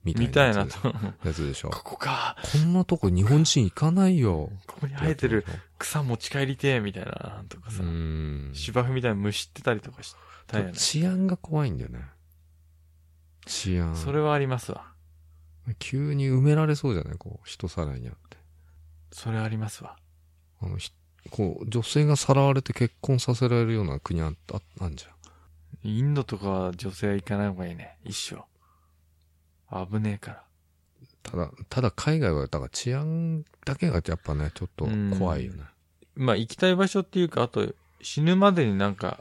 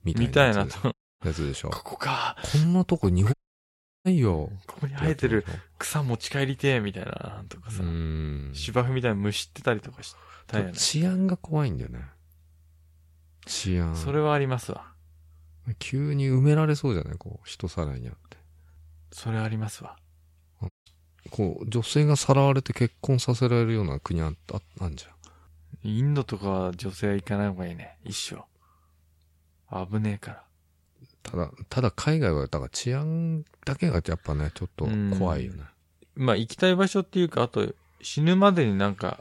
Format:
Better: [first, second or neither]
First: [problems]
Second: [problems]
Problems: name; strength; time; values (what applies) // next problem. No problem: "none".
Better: first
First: none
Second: audio cutting out; at 1 s, at 3.5 s for 0.5 s and at 21 s